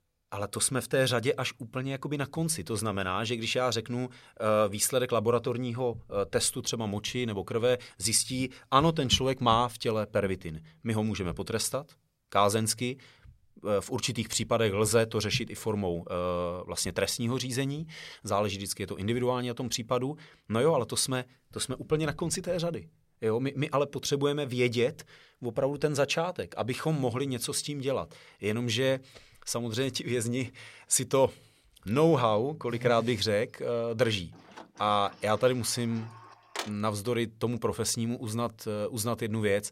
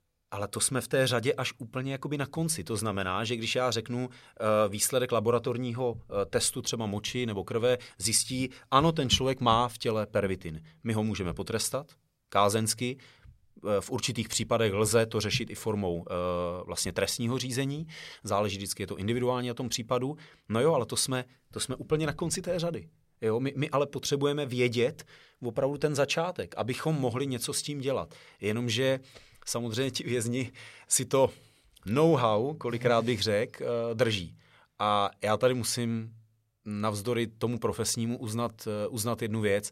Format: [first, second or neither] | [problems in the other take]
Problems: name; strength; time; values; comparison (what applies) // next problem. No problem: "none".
second | door banging; noticeable; from 35 to 37 s; peak 9 dB below the speech